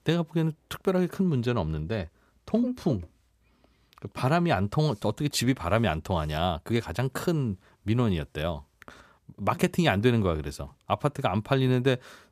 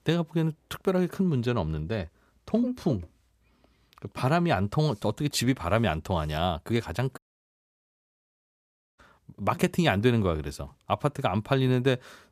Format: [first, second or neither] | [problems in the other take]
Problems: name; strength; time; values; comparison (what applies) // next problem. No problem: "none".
first | audio cutting out; at 7 s for 2 s